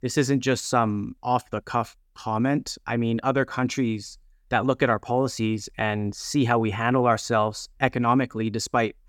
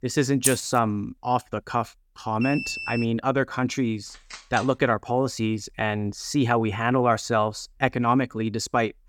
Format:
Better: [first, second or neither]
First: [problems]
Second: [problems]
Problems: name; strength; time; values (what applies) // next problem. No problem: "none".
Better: first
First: none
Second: jangling keys; noticeable; at 0.5 s; peak level with the speech // alarm; noticeable; at 2.5 s; peak 5 dB below the speech // phone ringing; faint; at 4 s; peak 15 dB below the speech